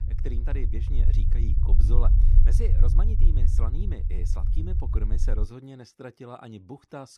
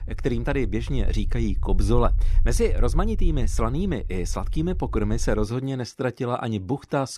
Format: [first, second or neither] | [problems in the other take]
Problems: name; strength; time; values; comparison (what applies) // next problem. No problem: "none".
second | low rumble; loud; until 5.5 s; 2 dB below the speech; faint in the second